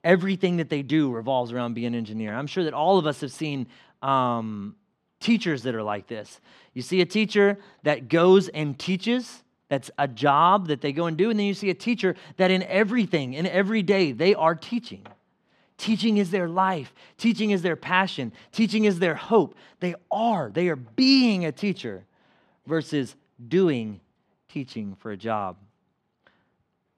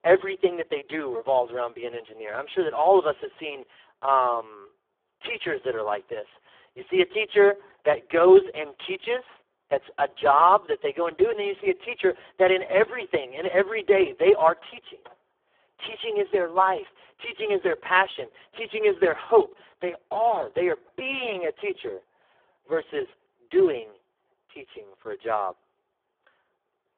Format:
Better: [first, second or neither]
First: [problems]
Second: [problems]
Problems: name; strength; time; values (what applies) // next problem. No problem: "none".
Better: first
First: none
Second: phone-call audio; poor line